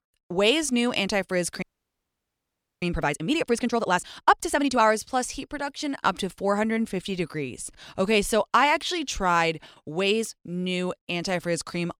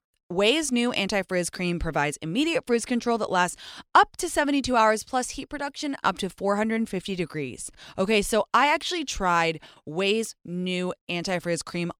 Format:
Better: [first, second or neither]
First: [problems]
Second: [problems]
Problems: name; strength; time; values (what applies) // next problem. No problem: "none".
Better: second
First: audio freezing; at 1.5 s for 1 s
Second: none